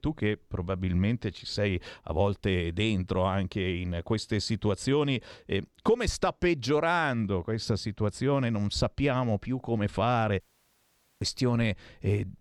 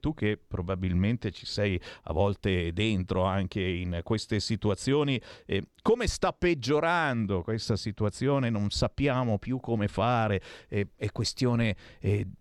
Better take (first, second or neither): second